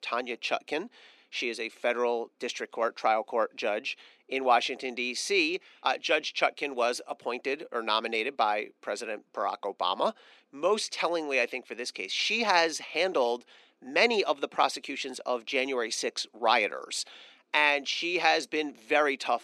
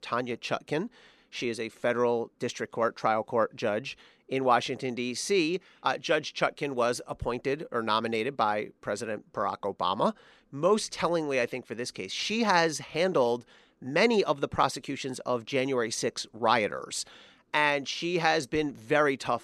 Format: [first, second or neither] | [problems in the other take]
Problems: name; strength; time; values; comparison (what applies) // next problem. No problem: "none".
second | thin; very slightly; fading below 250 Hz